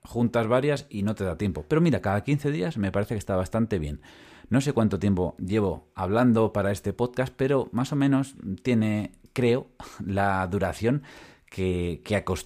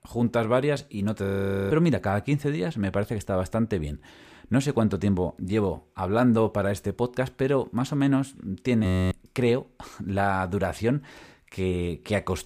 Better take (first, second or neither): first